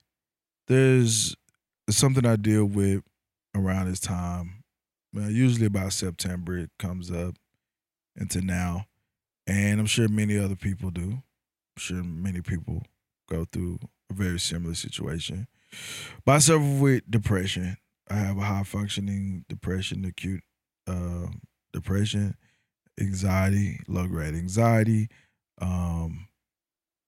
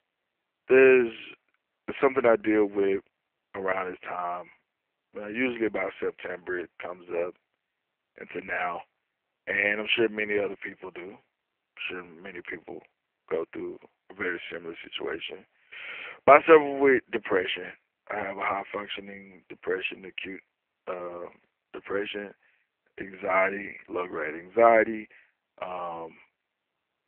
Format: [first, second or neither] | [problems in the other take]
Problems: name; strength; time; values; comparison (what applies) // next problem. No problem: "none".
first | phone-call audio; poor line; nothing above 3 kHz